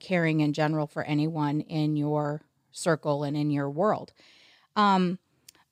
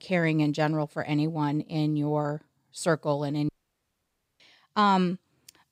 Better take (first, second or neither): first